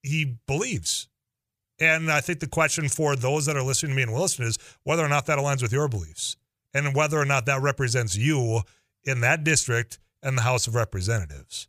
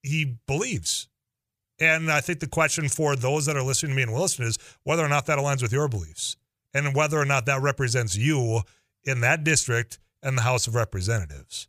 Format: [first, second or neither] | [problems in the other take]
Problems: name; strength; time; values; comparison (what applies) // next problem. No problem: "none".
neither | none